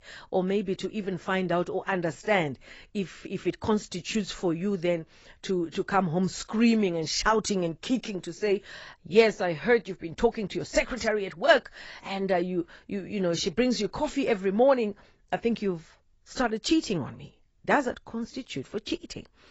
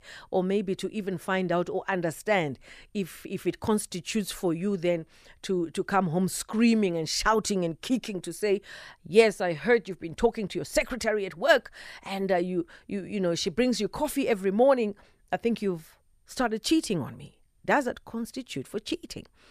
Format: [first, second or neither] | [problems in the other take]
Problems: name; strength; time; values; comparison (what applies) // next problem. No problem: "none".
second | garbled, watery; badly; nothing above 7.5 kHz